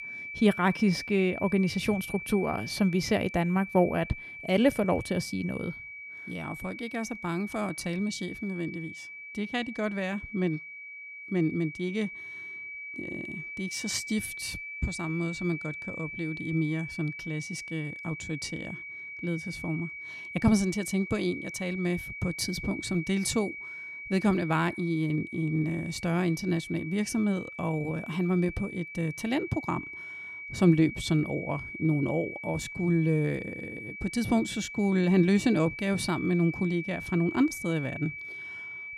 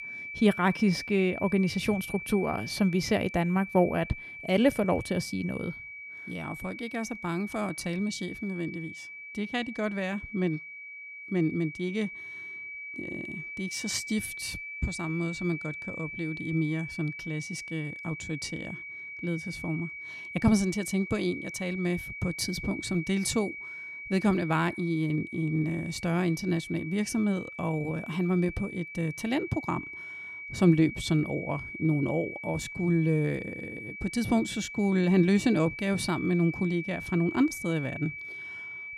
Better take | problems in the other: neither | high-pitched whine; loud; throughout; 2.5 kHz, 9 dB below the speech; the same in both

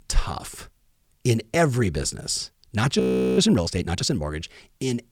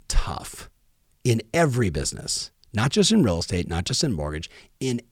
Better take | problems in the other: second | audio freezing; at 3 s

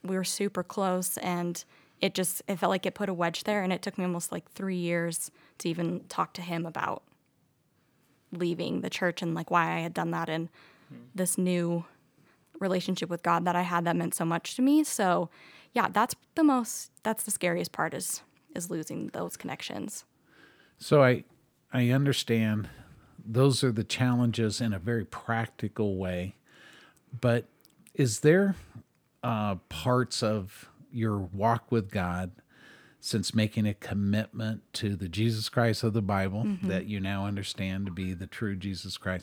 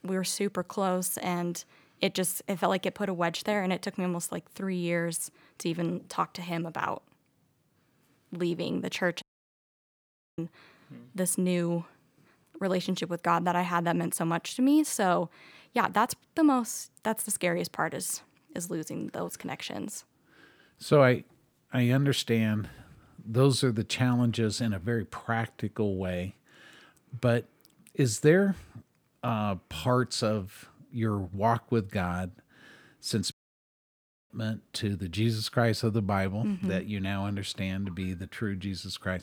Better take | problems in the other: first | audio cutting out; at 9 s for 1 s and at 33 s for 1 s

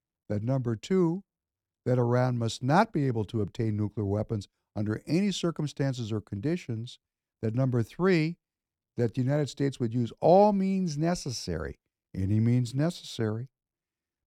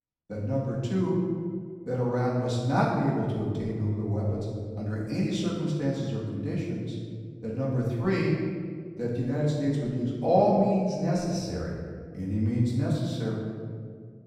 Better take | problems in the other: first | off-mic speech; far // room echo; noticeable; dies away in 1.7 s

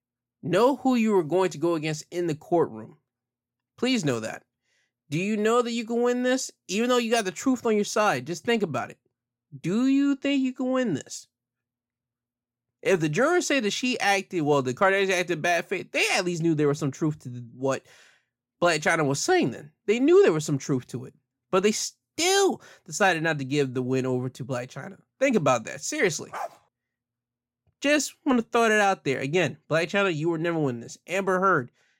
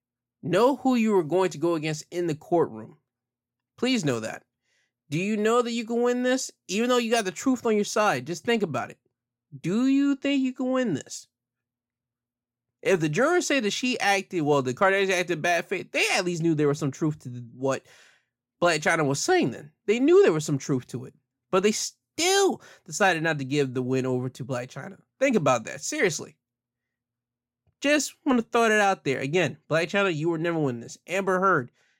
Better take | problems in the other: second | dog barking; faint; at 26 s; peak 10 dB below the speech

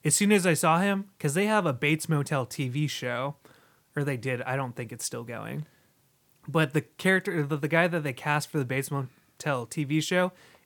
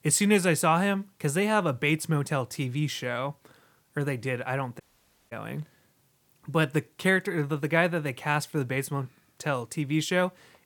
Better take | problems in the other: first | audio cutting out; at 5 s for 0.5 s

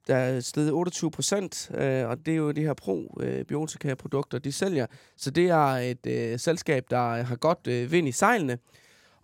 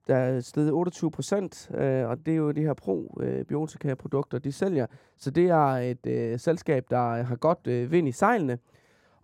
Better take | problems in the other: first | muffled; slightly; fading above 2 kHz

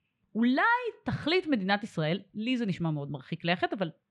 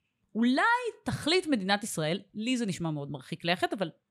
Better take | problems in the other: second | muffled; very slightly; fading above 3 kHz

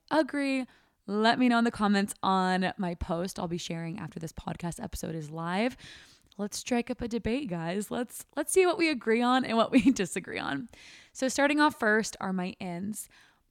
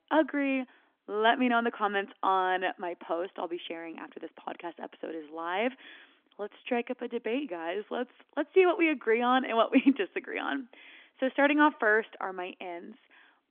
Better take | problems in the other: first | phone-call audio; nothing above 3.5 kHz

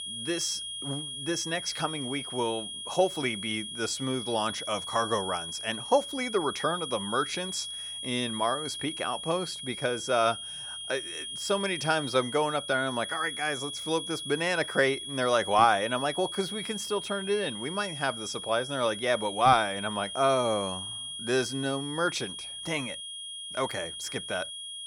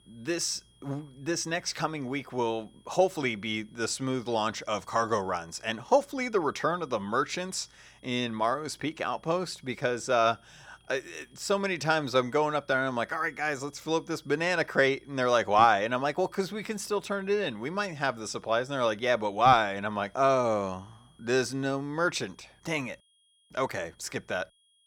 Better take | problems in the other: second | high-pitched whine; loud; throughout; 3.5 kHz, 6 dB below the speech; faint in the second

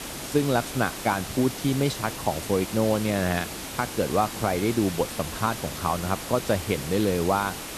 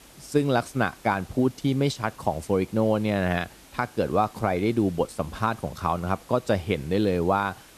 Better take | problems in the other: second | hiss; loud; throughout; 8 dB below the speech; faint in the second

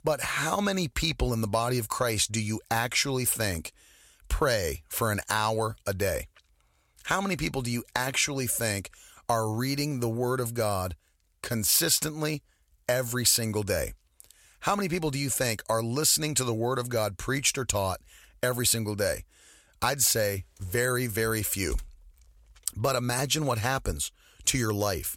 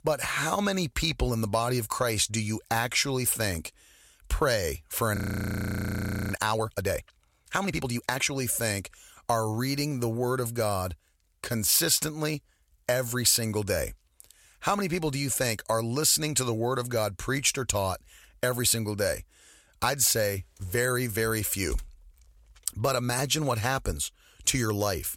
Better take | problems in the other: first | audio freezing; at 5 s for 1 s

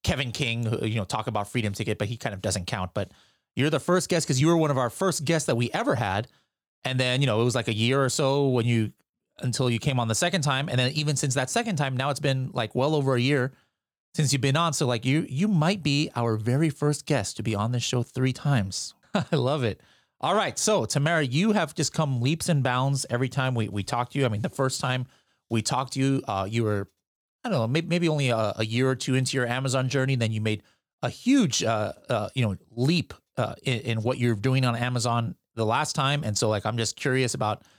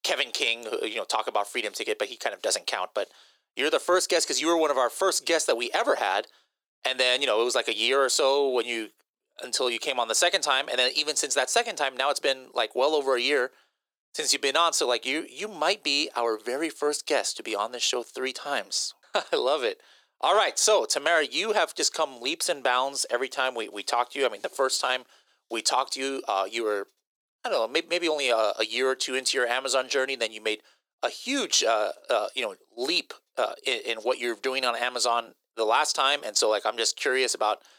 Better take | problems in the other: first | thin; very; fading below 350 Hz

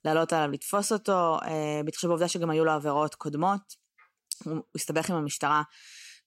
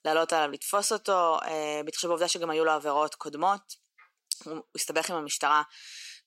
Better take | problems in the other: first | thin; somewhat; fading below 450 Hz

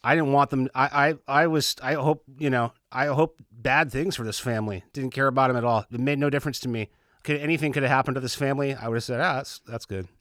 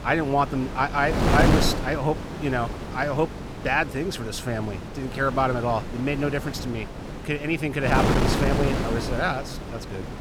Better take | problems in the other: first | wind noise on the microphone; heavy; 6 dB below the speech

